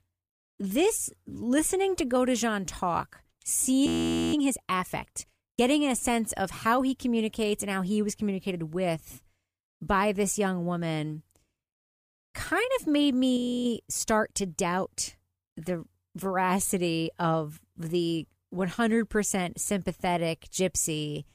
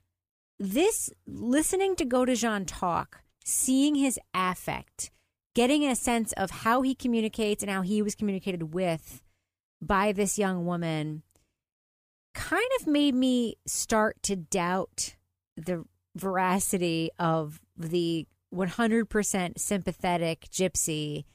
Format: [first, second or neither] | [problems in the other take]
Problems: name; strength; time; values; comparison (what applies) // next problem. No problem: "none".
second | audio freezing; at 4 s and at 13 s